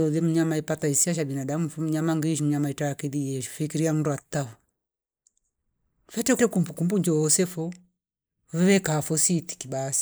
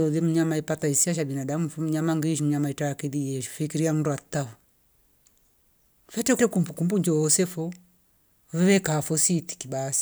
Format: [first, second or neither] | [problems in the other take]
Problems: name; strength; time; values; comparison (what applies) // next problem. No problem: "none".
second | noise reduction (neural mask model Resemble Enhance denoiser)